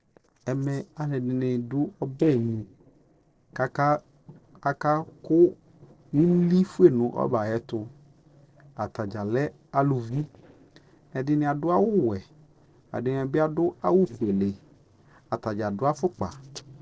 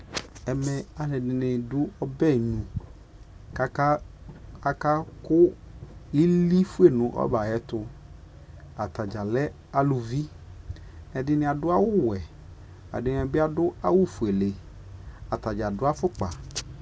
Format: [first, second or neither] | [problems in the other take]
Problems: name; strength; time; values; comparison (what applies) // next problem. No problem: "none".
second | noise reduction (neural separator model SepFormer DNS4)